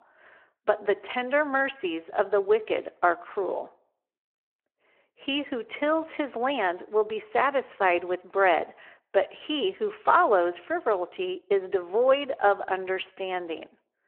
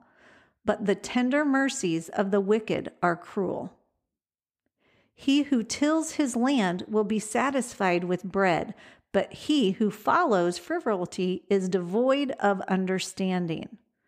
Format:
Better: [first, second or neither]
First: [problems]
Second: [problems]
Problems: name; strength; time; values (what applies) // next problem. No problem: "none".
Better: second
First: phone-call audio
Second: none